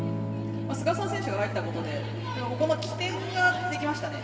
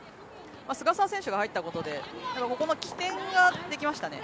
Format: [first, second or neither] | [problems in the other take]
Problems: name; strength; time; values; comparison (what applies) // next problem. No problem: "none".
second | background sound (Electric guitar / Strum); 4 dB below the speech // room echo; dies away in 2.5 s